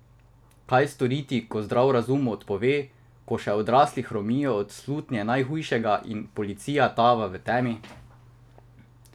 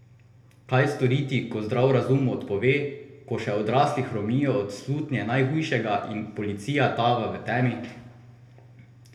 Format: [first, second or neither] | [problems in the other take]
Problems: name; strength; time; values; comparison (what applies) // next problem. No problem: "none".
first | room echo; dies away in 0.7 s